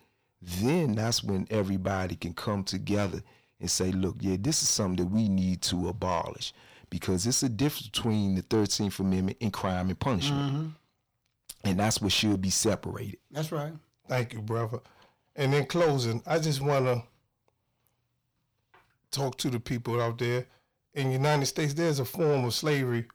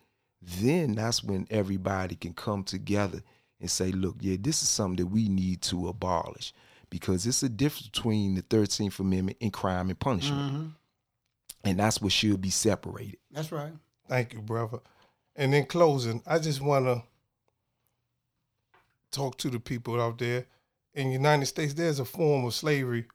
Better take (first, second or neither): second